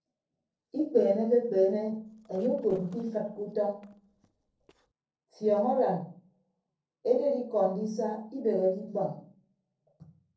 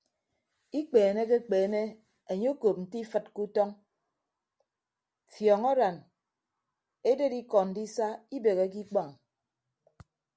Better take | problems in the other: second | noise reduction (neural separator model SepFormer DNS4)

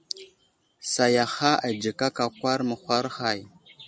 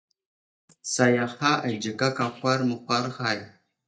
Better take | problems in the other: first | noise reduction (neural mask model DeepFilterNet 3)

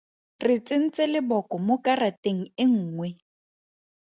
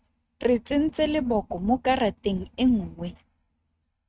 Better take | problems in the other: first | noise reduction (neural mask model RNNoise)

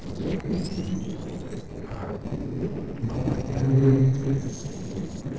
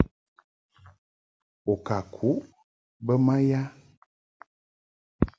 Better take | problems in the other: second | noise reduction (neural separator model SepFormer DNS4)

